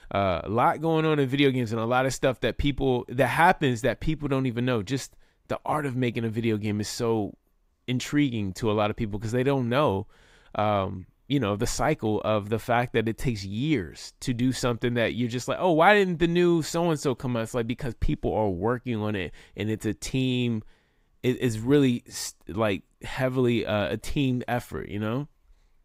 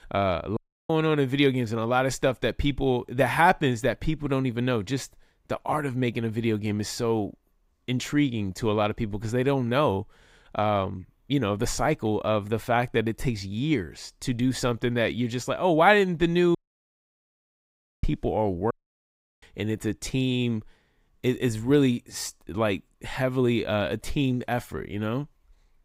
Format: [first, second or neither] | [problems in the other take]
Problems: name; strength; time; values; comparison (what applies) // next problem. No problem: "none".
first | audio cutting out; at 0.5 s, at 17 s for 1.5 s and at 19 s for 0.5 s